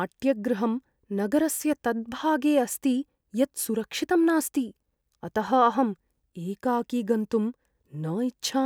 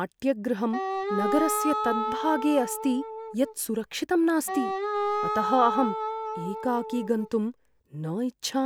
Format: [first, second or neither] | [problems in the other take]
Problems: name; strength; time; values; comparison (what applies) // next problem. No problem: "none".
first | background sound (Wind instrument, woodwind instrument); 3 dB below the speech